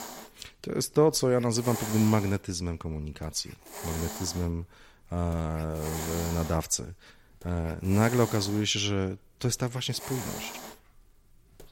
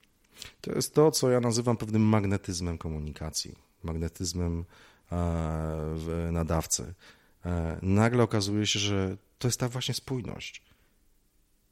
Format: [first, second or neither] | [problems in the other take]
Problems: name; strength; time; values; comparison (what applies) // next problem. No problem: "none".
second | hiss; loud; throughout; 10 dB below the speech